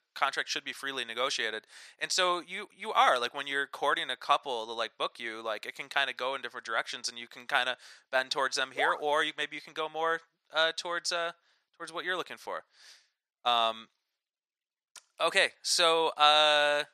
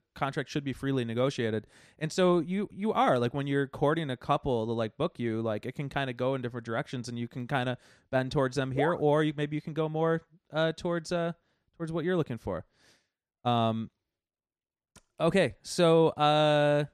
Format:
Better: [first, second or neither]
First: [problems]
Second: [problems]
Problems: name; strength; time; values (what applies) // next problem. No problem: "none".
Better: second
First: thin; very; fading below 1 kHz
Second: none